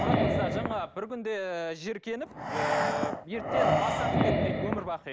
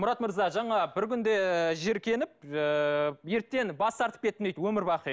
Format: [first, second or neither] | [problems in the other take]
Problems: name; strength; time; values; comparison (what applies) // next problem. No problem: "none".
second | background sound (Breathing); 5 dB above the speech